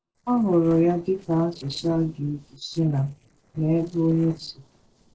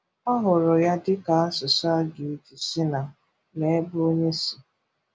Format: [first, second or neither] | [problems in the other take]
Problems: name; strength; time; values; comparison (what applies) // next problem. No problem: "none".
second | noise reduction (neural separator model SepFormer DNS4)